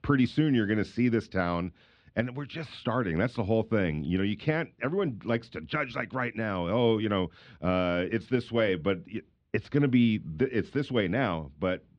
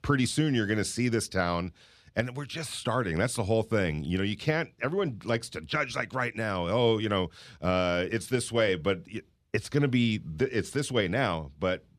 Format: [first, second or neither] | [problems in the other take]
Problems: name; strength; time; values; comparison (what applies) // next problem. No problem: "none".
second | muffled; slightly; fading above 3.5 kHz